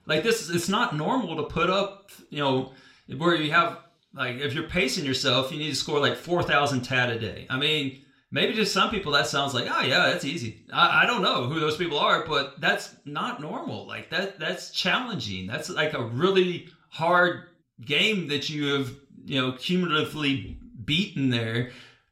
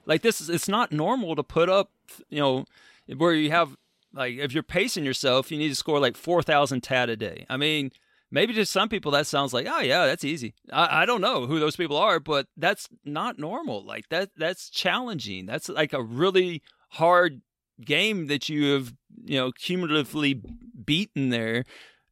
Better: second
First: room echo; very slight; dies away in 0.4 s // off-mic speech; somewhat distant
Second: none

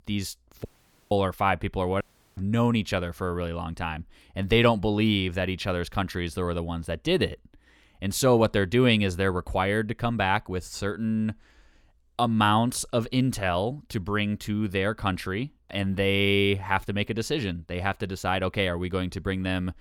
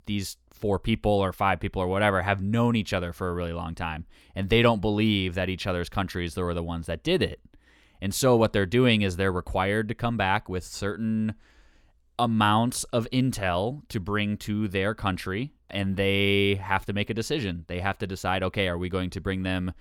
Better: second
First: audio cutting out; at 0.5 s and at 2 s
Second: none

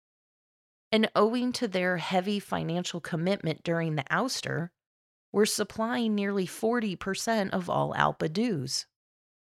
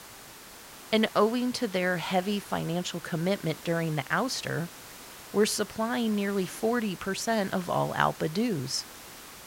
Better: first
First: none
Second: hiss; noticeable; throughout; 15 dB below the speech

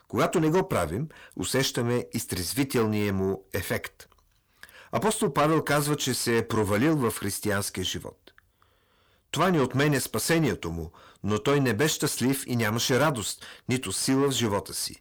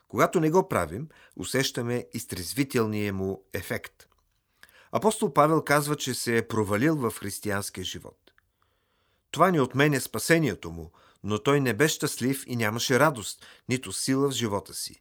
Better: second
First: distortion; heavy; 8 dB below the speech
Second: none

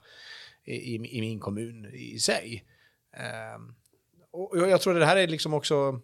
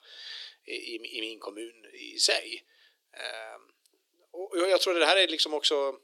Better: first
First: none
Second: thin; very; fading below 300 Hz

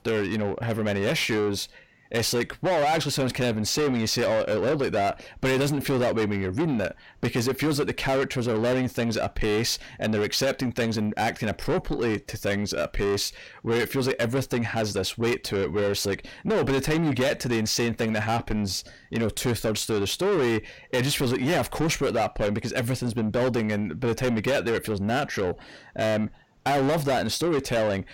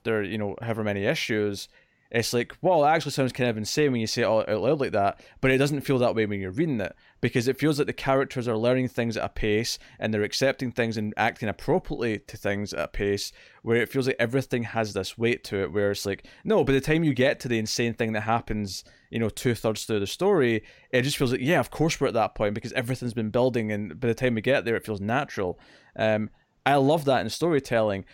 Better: second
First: distortion; heavy; 7 dB below the speech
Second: none

